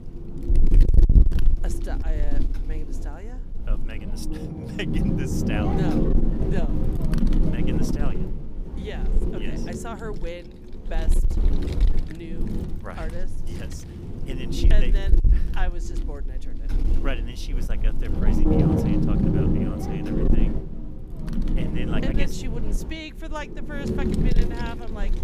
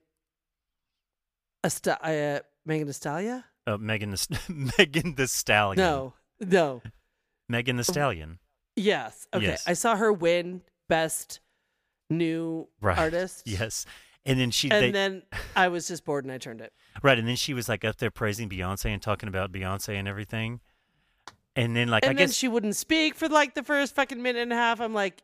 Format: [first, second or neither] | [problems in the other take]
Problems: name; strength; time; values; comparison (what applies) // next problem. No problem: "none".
second | wind noise on the microphone; heavy; 4 dB above the speech